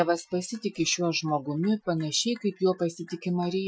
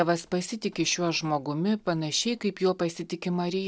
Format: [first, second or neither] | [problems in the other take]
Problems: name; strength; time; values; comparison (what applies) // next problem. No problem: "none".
second | noise reduction (classical method Wiener filter)